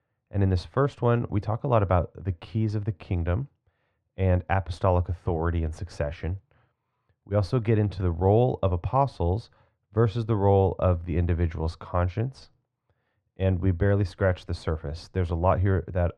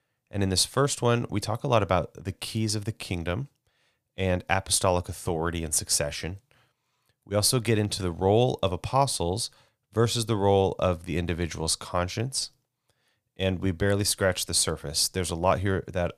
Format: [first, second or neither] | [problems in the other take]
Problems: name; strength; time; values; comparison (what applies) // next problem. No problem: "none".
second | muffled; very; fading above 1.5 kHz